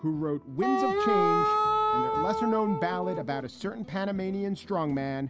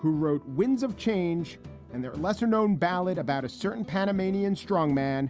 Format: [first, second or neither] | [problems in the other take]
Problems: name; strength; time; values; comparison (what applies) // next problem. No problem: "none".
second | background sound (Wind instrument, woodwind instrument); 3 dB above the speech